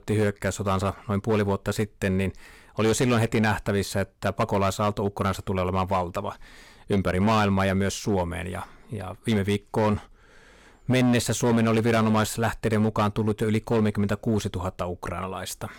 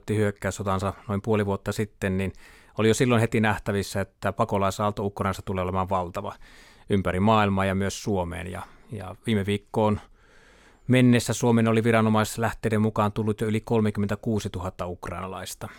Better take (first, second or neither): second